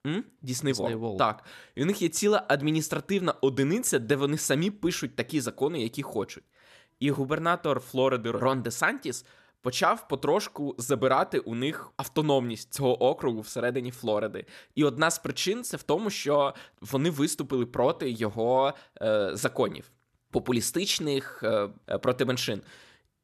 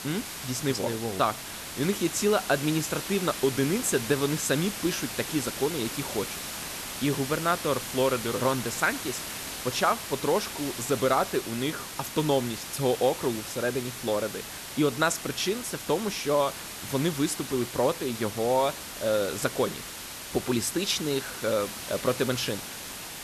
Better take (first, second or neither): first